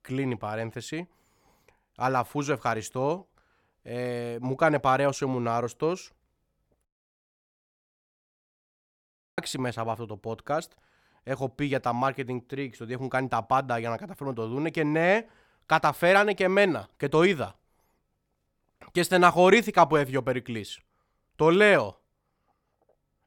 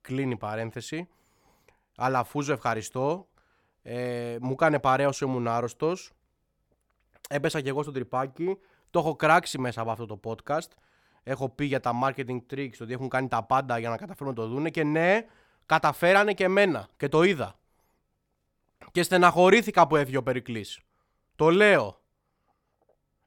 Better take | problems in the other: second | audio cutting out; at 7 s for 2.5 s

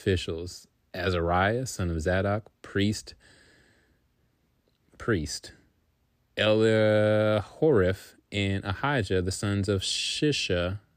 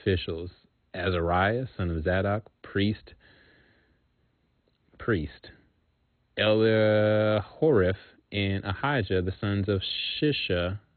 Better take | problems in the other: first | garbled, watery; badly; nothing above 4 kHz

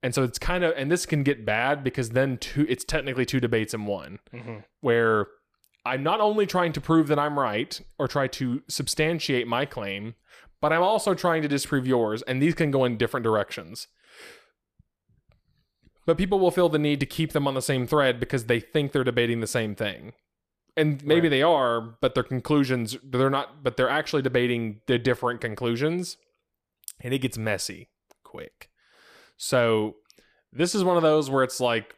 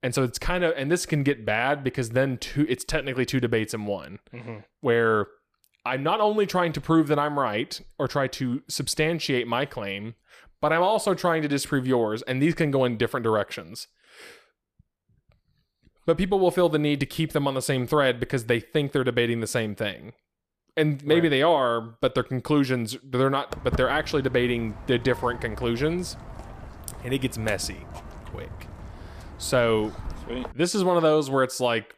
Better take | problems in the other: first | footsteps; noticeable; from 24 to 31 s; peak 8 dB below the speech

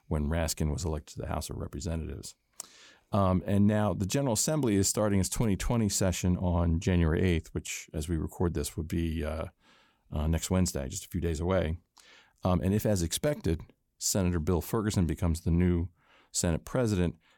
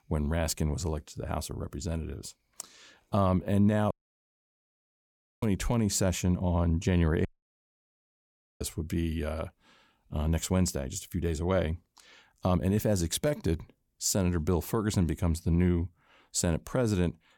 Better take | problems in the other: first | audio cutting out; at 4 s for 1.5 s and at 7.5 s for 1.5 s

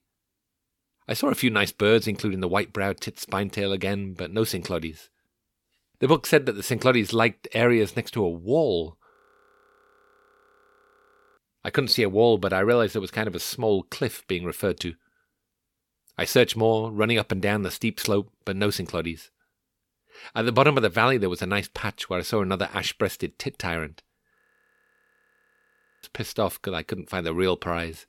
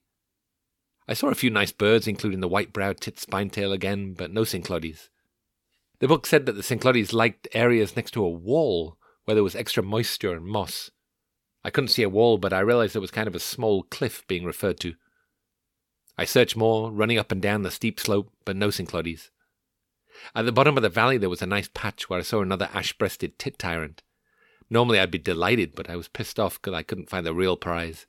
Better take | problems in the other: second | audio freezing; at 9 s for 2 s and at 24 s for 1.5 s

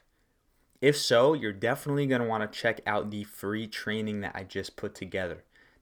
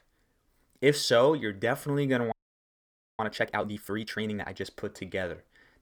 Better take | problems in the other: first | audio freezing; at 2.5 s for 1 s

